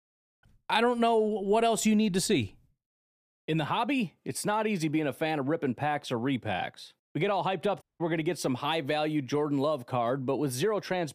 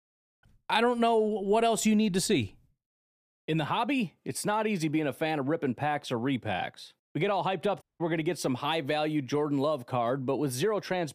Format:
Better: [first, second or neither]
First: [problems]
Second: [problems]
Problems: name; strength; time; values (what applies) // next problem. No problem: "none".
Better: neither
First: audio cutting out; at 8 s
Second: audio cutting out; at 8 s